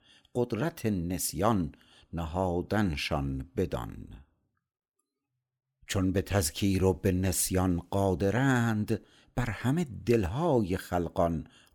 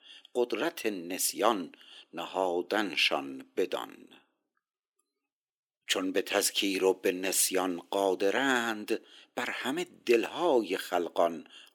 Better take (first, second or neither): first